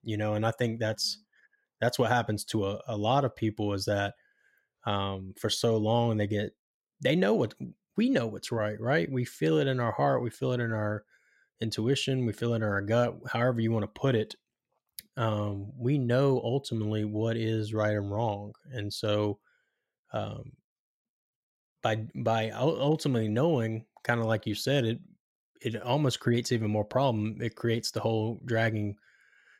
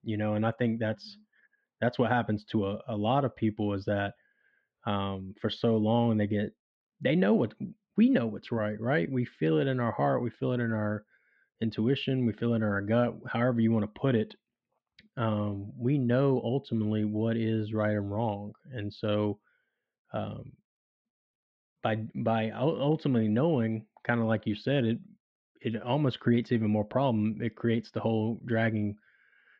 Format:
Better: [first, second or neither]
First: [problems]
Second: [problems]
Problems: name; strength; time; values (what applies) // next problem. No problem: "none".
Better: first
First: none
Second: muffled; slightly; fading above 3 kHz